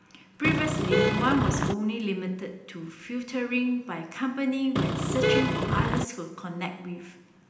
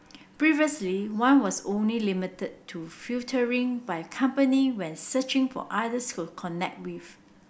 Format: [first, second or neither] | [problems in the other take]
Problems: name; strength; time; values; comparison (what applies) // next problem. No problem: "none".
second | background sound (Vehicle horn, car horn, honking); 5 dB above the speech // room echo; dies away in 0.9 s